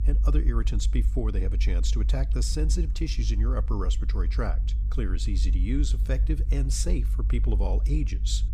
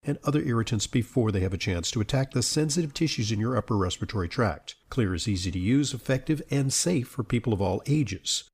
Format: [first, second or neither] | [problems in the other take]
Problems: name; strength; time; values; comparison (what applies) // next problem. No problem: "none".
second | low rumble; noticeable; throughout; 10 dB below the speech